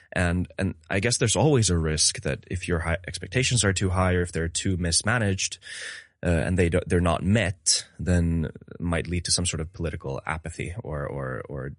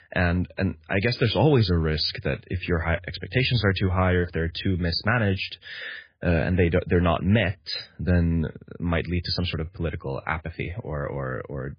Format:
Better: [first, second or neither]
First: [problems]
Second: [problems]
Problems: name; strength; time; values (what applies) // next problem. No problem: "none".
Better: first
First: garbled, watery; slightly; nothing above 10.5 kHz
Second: garbled, watery; badly